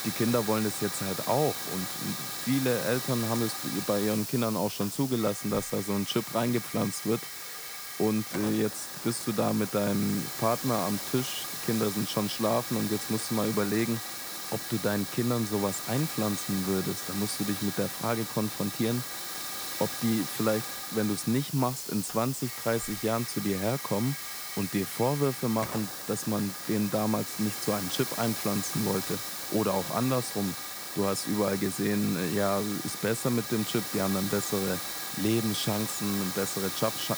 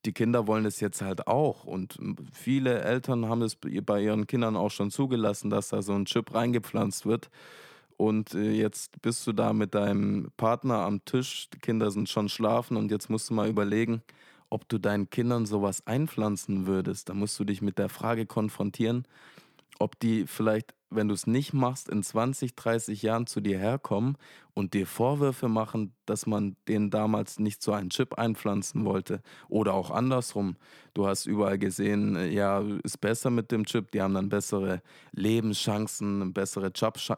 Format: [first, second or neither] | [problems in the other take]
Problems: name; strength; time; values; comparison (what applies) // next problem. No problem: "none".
second | hiss; loud; throughout; 4 dB below the speech